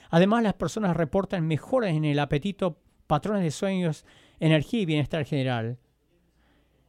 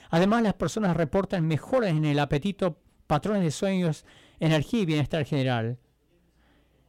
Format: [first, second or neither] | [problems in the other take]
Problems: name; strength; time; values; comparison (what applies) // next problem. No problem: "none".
first | distortion; slight; 5% of the sound clipped